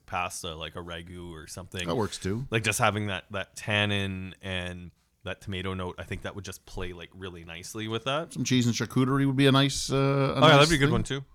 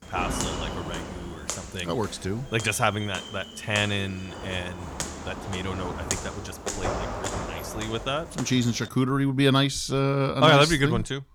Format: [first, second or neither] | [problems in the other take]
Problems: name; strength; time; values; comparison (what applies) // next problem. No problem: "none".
first | footsteps; noticeable; until 9 s; peak 4 dB below the speech